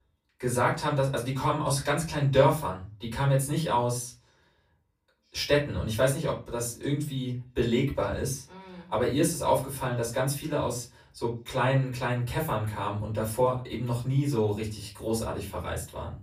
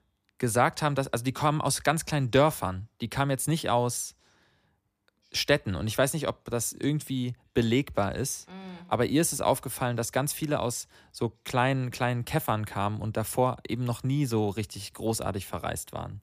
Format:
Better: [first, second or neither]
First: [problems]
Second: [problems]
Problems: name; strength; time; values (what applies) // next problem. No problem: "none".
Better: second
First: off-mic speech; far // room echo; very slight; dies away in 0.3 s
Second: none